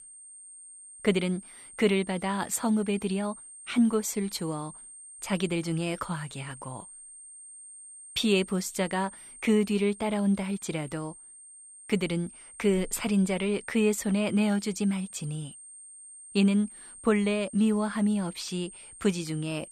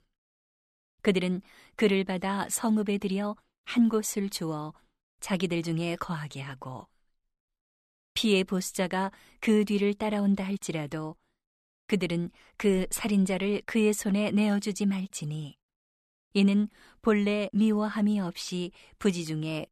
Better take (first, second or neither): second